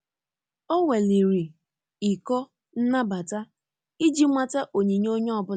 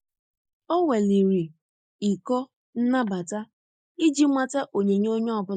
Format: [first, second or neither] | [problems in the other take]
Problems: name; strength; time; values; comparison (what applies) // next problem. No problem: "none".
first | noise reduction (neural mask model Resemble Enhance denoiser)